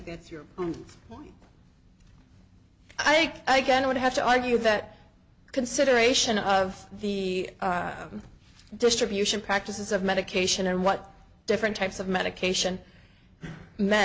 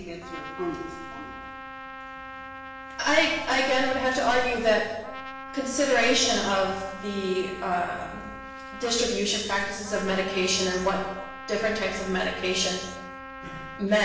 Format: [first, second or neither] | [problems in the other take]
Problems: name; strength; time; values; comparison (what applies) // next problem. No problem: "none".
first | background sound (Trumpet); 13 dB below the speech // room echo; dies away in 0.9 s